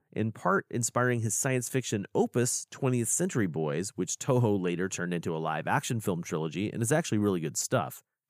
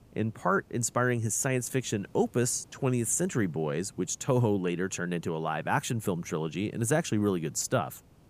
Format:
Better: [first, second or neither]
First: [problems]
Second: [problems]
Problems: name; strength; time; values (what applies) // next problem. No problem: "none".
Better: first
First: none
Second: hiss; faint; throughout; 30 dB below the speech